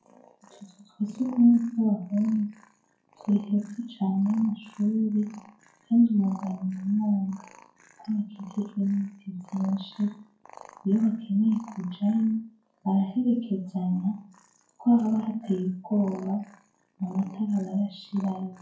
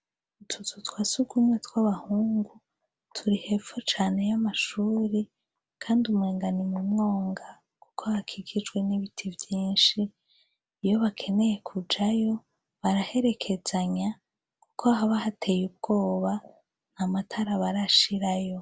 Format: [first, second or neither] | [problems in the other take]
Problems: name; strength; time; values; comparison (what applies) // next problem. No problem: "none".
second | noise reduction (classical method WPE with log-MMSE)